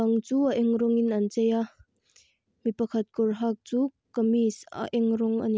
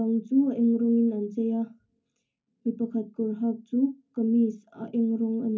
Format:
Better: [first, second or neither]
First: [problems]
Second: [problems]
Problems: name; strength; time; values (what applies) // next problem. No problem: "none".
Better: first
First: none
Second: room echo; dies away in 0.3 s